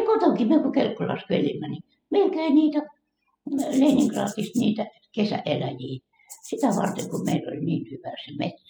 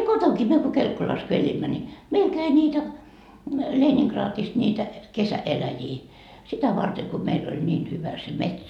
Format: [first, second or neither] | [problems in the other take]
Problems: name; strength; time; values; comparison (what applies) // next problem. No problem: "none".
second | noise reduction (classical method spectral subtraction)